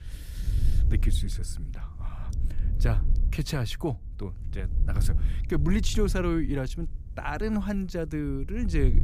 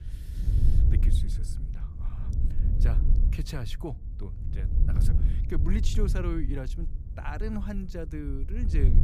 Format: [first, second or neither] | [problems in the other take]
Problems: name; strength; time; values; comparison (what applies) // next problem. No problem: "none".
first | wind noise on the microphone; heavy; 6 dB below the speech; occasional gusts in the first